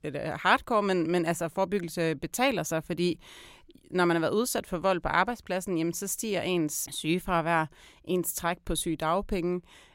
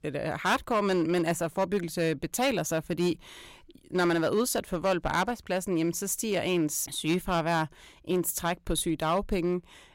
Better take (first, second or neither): first